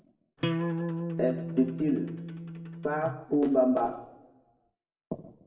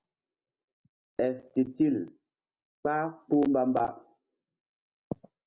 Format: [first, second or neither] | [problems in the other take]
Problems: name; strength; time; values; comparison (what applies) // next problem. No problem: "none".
second | background sound (Acoustic guitar); 3 dB below the speech // room echo; dies away in 0.8 s